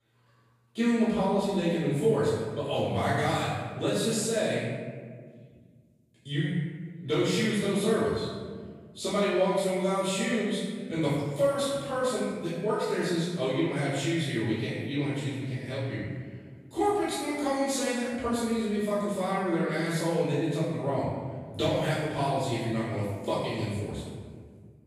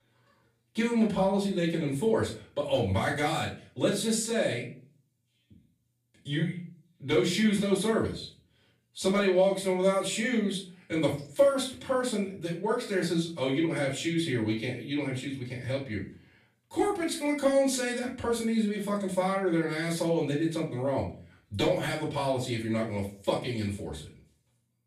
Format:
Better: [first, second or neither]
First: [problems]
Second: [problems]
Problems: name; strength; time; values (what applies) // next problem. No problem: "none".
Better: second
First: room echo; strong; dies away in 1.6 s // off-mic speech; far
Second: room echo; slight; dies away in 0.4 s // off-mic speech; far